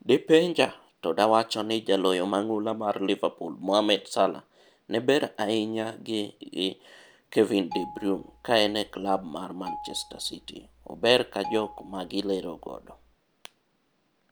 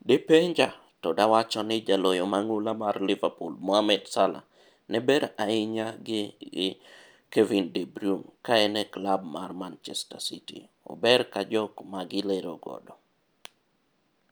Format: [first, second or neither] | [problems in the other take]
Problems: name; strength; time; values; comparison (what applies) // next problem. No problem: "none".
second | background sound (Marimba, xylophone); 16 dB below the speech